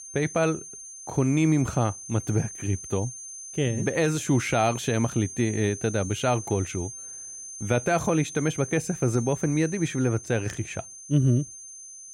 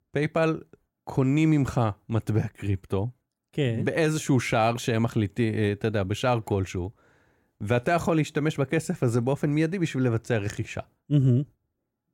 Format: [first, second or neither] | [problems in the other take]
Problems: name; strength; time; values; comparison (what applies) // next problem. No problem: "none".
second | high-pitched whine; noticeable; throughout; 6.5 kHz, 10 dB below the speech